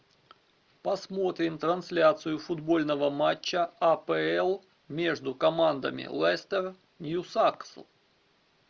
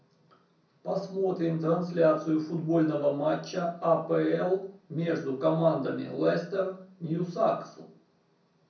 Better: first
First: none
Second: room echo; dies away in 0.6 s

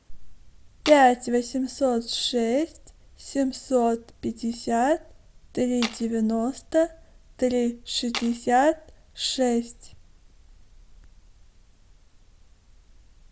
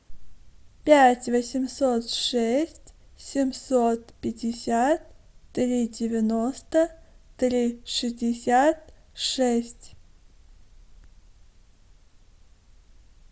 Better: second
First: background sound (Tools); 9 dB below the speech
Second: none

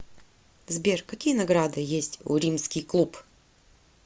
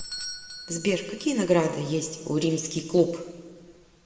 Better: first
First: none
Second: background sound (Bell / Doorbell); 17 dB below the speech // room echo; dies away in 1.4 s

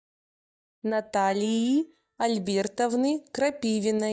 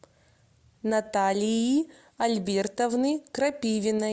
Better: second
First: noise reduction (neural mask model DeepFilterNet 3)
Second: none

